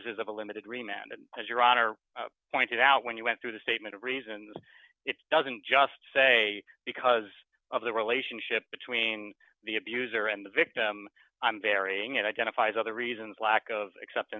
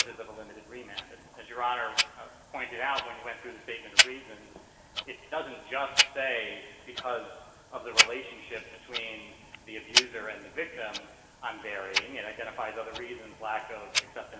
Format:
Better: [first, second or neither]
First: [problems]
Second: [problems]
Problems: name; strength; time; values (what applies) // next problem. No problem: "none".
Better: first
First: none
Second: background sound (Tick-tock); 4 dB above the speech // room echo; dies away in 1.4 s